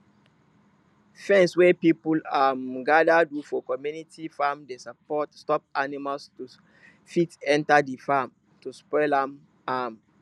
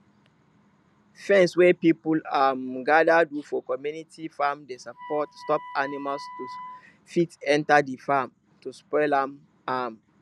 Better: first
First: none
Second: background sound (Wind instrument, woodwind instrument); 18 dB below the speech

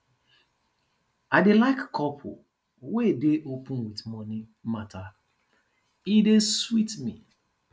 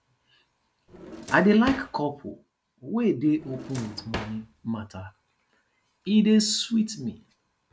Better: first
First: none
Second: background sound (Drawer open or close); 12 dB below the speech

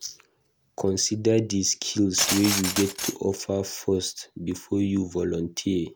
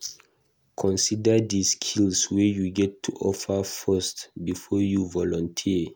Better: second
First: background sound (Glass); 4 dB below the speech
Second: none

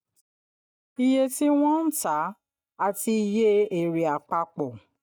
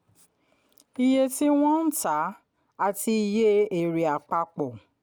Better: second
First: noise reduction (neural mask model DeepFilterNet 3)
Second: none

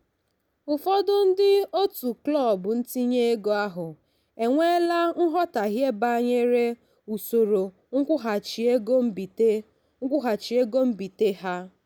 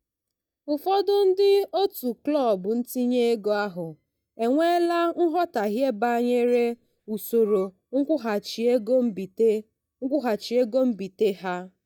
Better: first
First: none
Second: noise reduction (neural mask model DeepFilterNet 3)

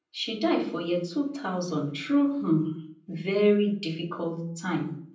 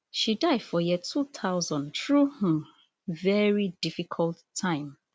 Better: second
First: room echo; dies away in 0.6 s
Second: none

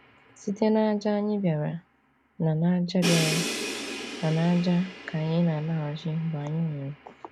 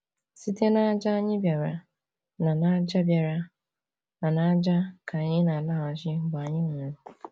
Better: second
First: background sound (Crash cymbal); 10 dB below the speech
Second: none

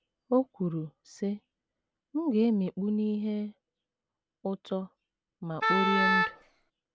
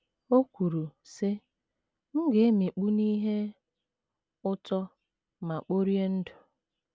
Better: second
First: background sound (Wind instrument, woodwind instrument); 4 dB above the speech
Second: none

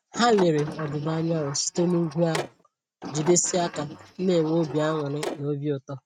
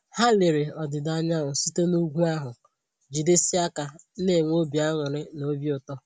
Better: second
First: noise reduction (neural mask model RNNoise)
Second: none

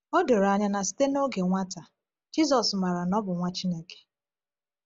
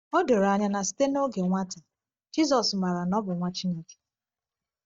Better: first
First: none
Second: noise reduction (neural mask model DeepFilterNet 3)

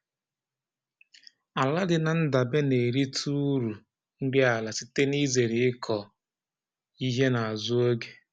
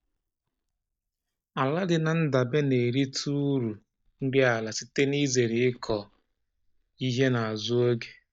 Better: first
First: none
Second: noise reduction (neural mask model DeepFilterNet 3)

